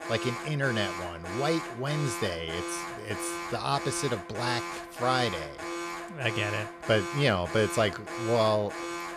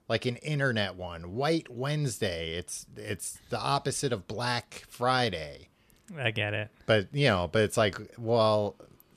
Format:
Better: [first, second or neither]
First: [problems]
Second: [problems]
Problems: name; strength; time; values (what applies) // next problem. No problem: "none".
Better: second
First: alarm; noticeable; peak 5 dB below the speech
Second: none